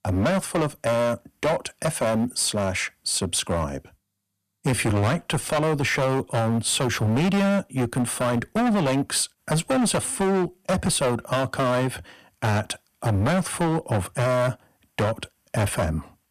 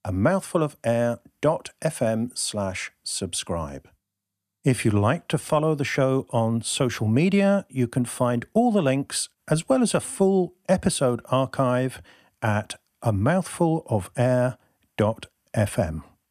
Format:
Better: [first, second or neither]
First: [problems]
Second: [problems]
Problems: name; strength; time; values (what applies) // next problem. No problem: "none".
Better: second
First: distortion; heavy; 19% of the sound clipped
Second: none